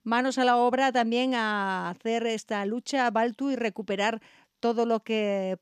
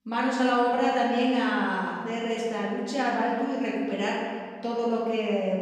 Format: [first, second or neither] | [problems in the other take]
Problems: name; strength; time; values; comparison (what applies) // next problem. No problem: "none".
first | room echo; noticeable; dies away in 1.6 s // off-mic speech; far